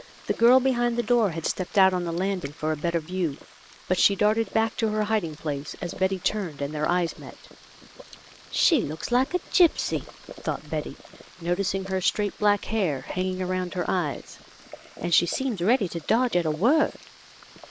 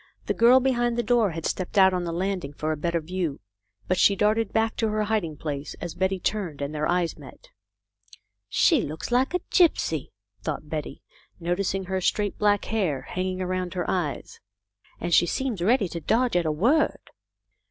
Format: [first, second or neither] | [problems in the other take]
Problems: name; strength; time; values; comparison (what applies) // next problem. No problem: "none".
second | noise reduction (neural mask model Resemble Enhance denoiser)